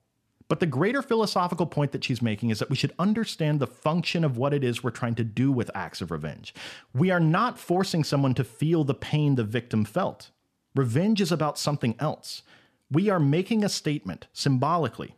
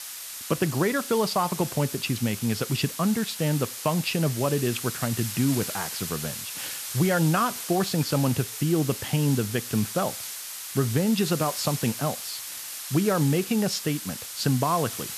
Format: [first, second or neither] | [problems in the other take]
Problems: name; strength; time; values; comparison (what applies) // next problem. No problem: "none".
first | hiss; loud; throughout; 7 dB below the speech